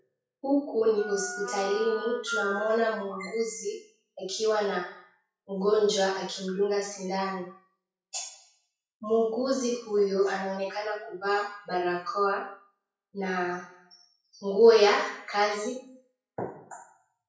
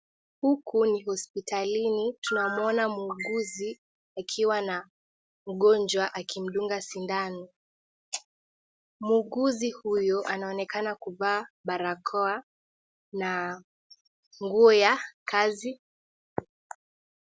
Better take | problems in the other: second | noise reduction (classical method WPE with log-MMSE)

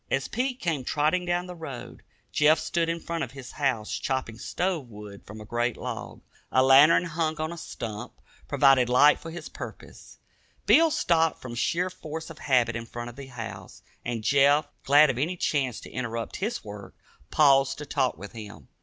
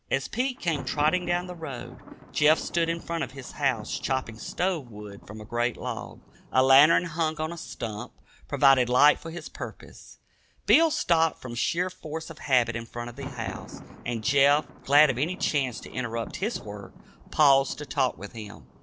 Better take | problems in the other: first | background sound (Thunder); 18 dB below the speech

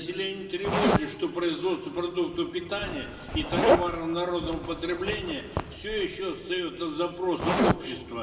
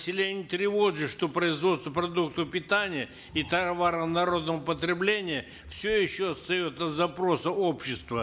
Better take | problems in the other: second | background sound (Zipper (clothing)); 1 dB below the speech // room echo; dies away in 2 s

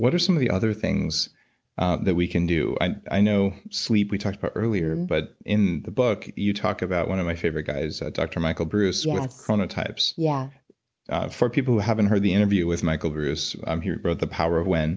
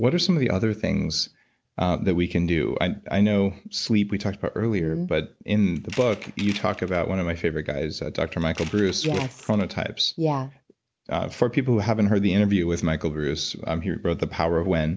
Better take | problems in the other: first | background sound (Tools); 18 dB below the speech

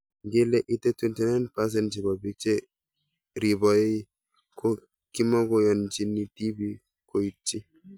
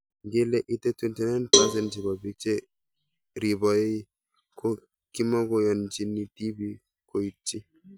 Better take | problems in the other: first | background sound (Cowbell); 1 dB above the speech

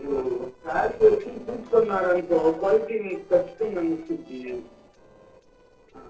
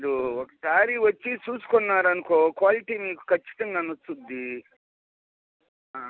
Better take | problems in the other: second | noise reduction (neural separator model SepFormer DNS4)

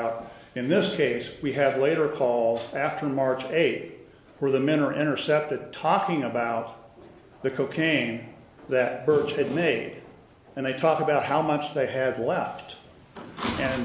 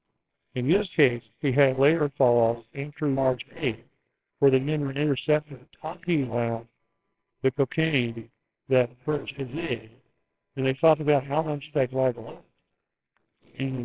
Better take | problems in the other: first | noise reduction (neural separator model SepFormer WHAMR!)

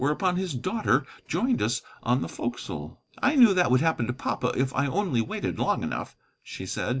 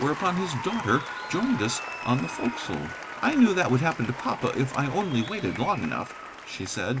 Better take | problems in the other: first | background sound (Applause); 10 dB below the speech

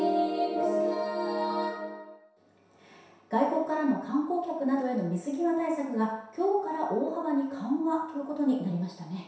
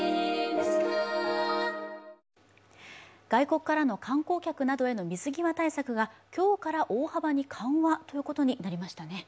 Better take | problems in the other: second | room echo; dies away in 0.7 s

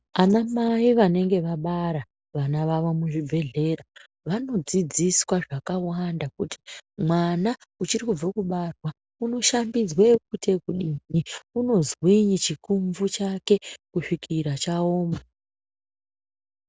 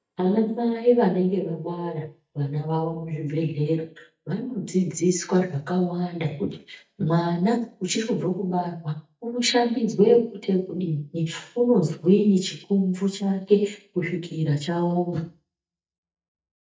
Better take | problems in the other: first | noise reduction (neural mask model DeepFilterNet 3)

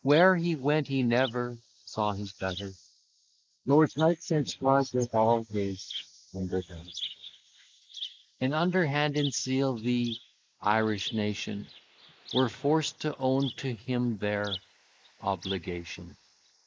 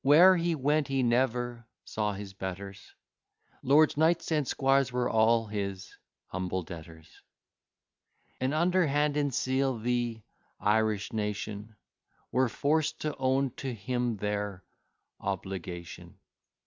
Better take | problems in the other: second | noise reduction (neural mask model Resemble Enhance denoiser)

